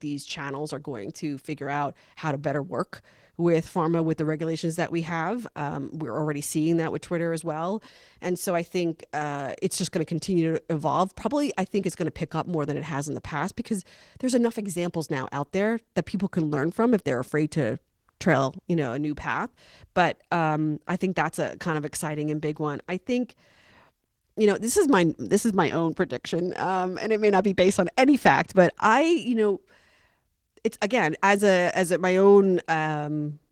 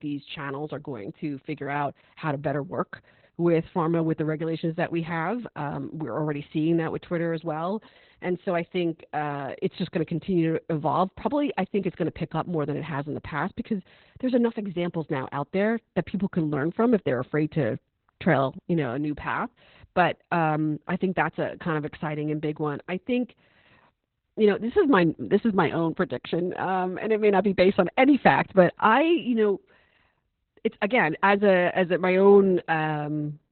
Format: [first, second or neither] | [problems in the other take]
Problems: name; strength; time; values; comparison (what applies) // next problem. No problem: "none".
first | garbled, watery; badly; nothing above 4 kHz; slightly in the first